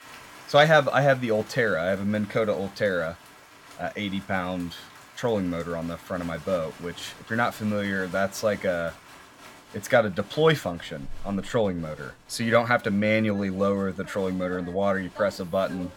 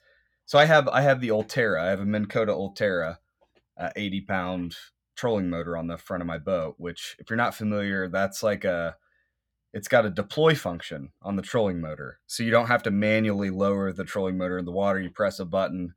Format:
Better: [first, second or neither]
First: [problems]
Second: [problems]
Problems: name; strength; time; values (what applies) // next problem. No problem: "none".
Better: second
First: crowd noise; faint; throughout; 20 dB below the speech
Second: none